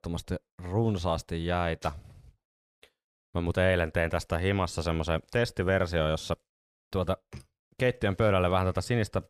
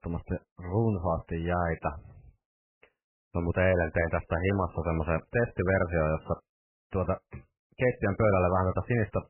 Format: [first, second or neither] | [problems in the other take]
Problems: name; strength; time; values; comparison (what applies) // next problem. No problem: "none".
first | garbled, watery; badly; nothing above 3 kHz